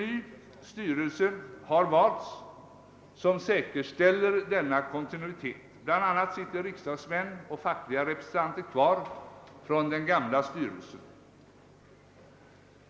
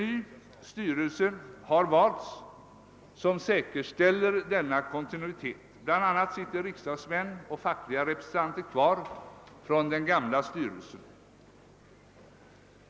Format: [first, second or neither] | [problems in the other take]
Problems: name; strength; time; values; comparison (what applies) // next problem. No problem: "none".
second | room echo; dies away in 3 s